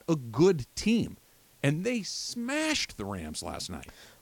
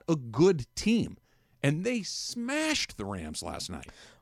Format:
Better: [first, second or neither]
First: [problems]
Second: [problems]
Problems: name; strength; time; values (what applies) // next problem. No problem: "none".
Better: second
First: hiss; faint; throughout; 30 dB below the speech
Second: none